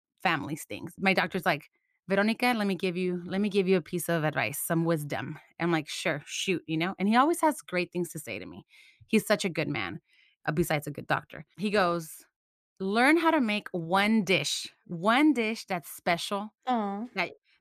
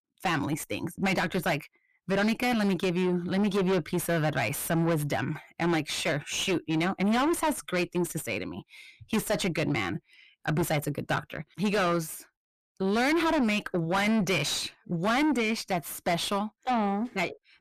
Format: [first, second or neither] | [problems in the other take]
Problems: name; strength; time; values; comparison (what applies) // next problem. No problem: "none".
first | distortion; heavy; 5 dB below the speech